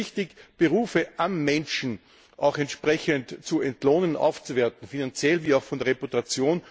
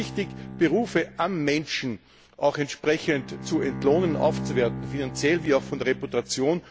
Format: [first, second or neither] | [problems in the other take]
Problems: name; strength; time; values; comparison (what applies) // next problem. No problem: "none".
first | background sound (Bowed string instrument); 10 dB below the speech